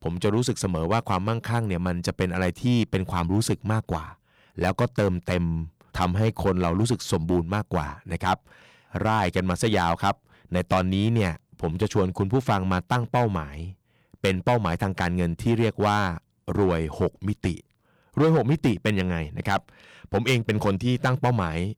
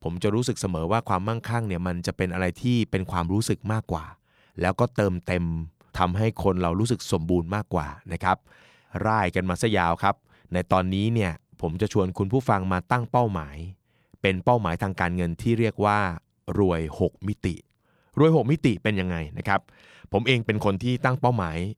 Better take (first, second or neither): second